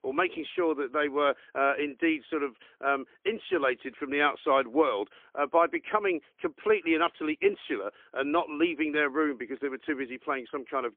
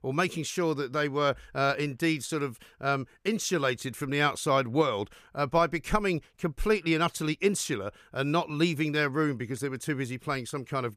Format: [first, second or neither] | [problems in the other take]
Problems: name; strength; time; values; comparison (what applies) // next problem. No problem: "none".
second | phone-call audio; poor line; nothing above 3.5 kHz